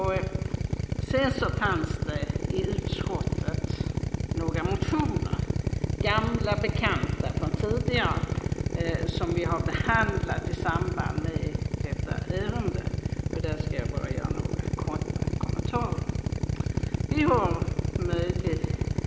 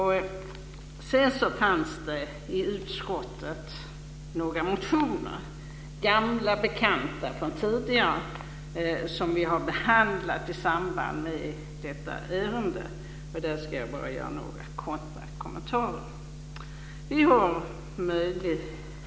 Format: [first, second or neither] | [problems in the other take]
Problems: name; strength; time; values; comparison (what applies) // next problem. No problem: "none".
second | background sound (Drill); 3 dB above the speech